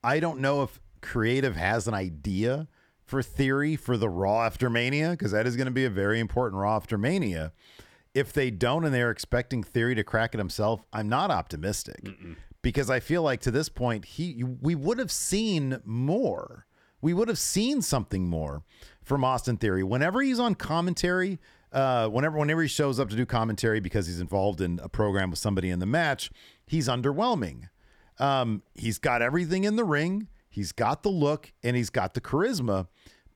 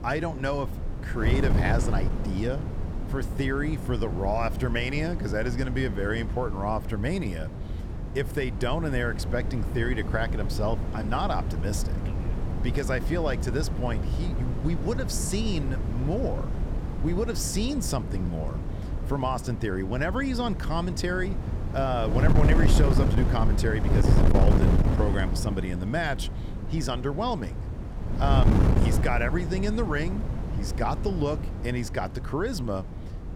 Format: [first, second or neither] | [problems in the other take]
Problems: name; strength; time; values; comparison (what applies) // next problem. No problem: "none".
first | wind noise on the microphone; heavy; 7 dB below the speech